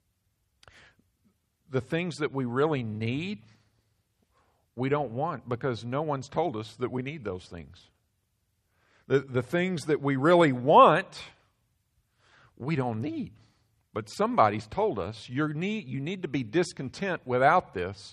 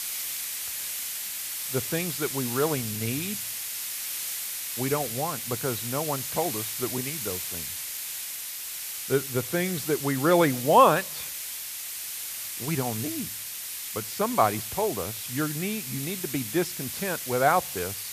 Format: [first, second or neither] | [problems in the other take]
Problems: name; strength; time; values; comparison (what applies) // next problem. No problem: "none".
first | hiss; loud; throughout; 4 dB below the speech